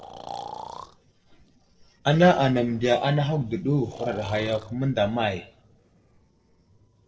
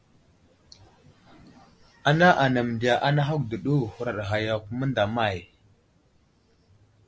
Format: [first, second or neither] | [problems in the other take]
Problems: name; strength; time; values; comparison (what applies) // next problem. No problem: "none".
second | noise reduction (neural separator model SepFormer DNS4)